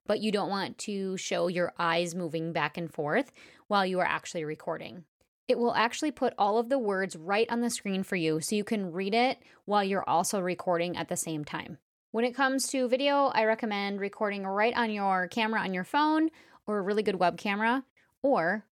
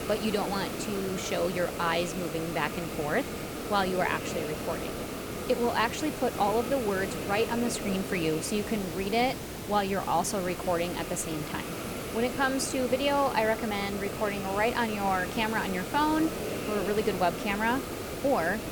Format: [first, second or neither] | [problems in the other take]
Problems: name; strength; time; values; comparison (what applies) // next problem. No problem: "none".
first | hiss; loud; throughout; 6 dB below the speech